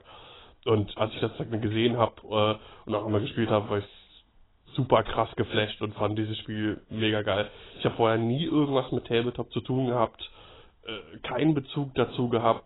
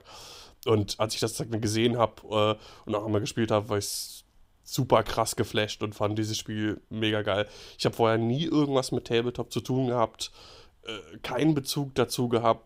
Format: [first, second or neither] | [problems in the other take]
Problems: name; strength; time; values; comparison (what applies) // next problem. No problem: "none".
second | garbled, watery; badly; nothing above 4 kHz